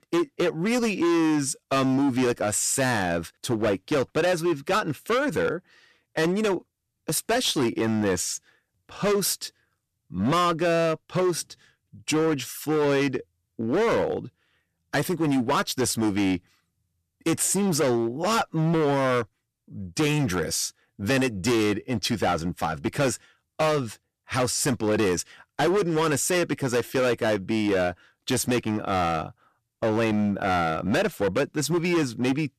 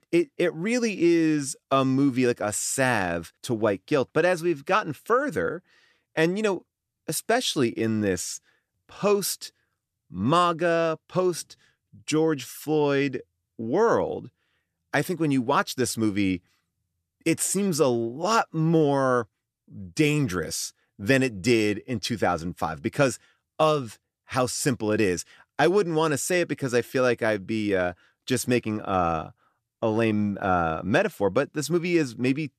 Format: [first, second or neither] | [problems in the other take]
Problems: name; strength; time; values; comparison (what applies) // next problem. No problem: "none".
second | distortion; heavy; 16% of the sound clipped